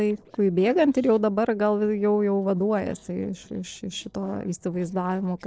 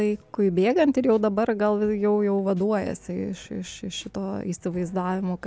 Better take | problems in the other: second | noise reduction (neural separator model SepFormer DNS4)

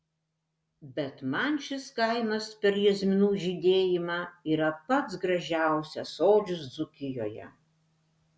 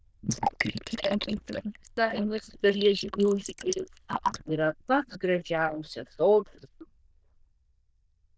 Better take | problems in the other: first | noise reduction (neural diffusion model UNIVERSE++)

